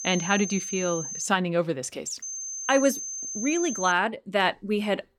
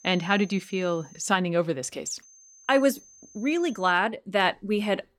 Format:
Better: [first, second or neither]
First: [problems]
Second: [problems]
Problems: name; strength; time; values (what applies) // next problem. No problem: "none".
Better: second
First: high-pitched whine; loud; until 1.5 s and from 2 to 4 s; 6.5 kHz, 6 dB below the speech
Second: high-pitched whine; faint; until 1.5 s and from 2 to 4 s; 6.5 kHz, 25 dB below the speech